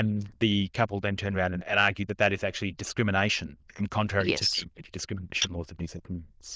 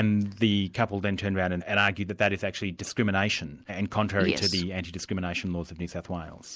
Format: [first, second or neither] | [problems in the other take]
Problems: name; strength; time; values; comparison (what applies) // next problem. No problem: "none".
second | noise reduction (neural diffusion model UNIVERSE++)